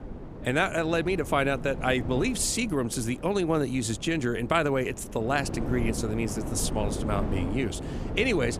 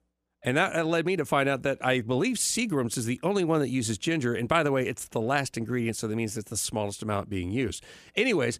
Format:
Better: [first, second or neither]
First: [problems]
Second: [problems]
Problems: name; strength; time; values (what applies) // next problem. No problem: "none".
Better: second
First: wind noise on the microphone; occasional gusts; 10 dB below the speech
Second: none